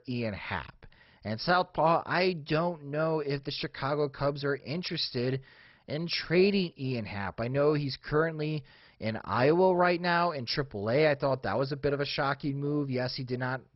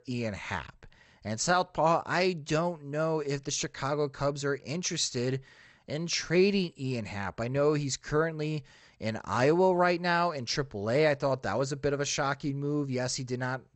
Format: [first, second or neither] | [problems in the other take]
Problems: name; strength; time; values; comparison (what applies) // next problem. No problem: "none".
second | garbled, watery; badly; nothing above 5.5 kHz; slightly in the second